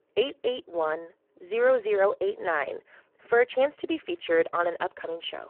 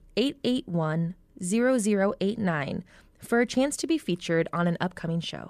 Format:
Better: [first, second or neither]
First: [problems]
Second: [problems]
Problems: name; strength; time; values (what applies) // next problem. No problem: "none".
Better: second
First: phone-call audio; poor line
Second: none